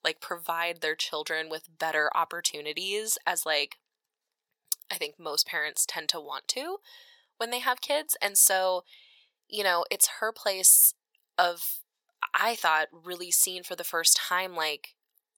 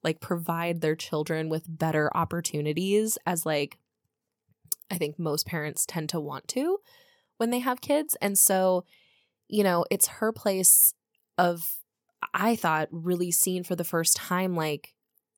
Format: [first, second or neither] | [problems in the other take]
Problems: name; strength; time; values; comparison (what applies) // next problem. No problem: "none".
second | thin; very; fading below 750 Hz